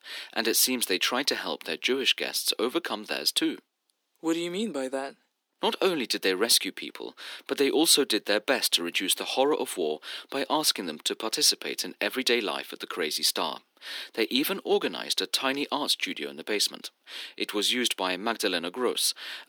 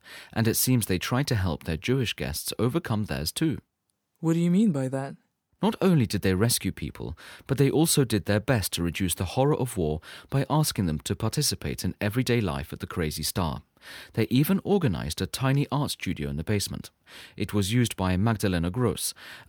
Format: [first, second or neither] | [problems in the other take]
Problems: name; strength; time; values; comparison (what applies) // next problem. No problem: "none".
second | thin; somewhat; fading below 300 Hz